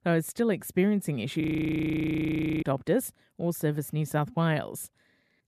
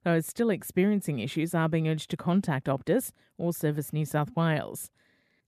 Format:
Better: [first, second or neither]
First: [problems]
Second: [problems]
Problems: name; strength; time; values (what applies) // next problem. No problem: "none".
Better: second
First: audio freezing; at 1.5 s for 1 s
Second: none